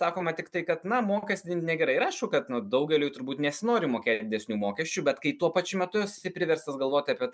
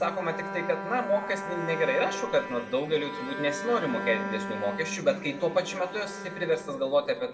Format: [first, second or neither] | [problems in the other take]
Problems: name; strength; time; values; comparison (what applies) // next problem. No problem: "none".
first | background sound (Bowed string instrument); 8 dB below the speech // room echo; dies away in 1.6 s